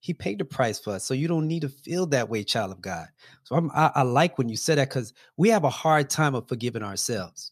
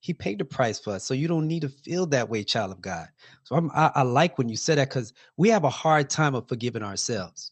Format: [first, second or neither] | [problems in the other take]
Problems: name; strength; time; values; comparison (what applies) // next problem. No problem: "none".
first | garbled, watery; slightly